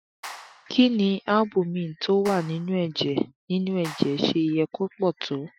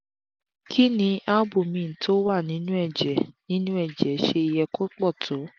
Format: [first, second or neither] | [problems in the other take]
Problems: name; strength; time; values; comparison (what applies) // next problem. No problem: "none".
second | noise reduction (classical method Wiener filter)